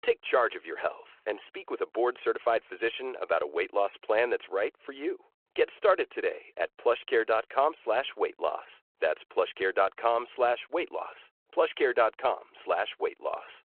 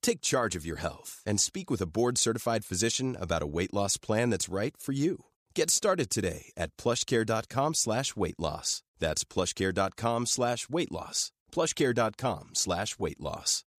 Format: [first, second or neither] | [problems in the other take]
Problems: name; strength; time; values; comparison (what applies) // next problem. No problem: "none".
second | phone-call audio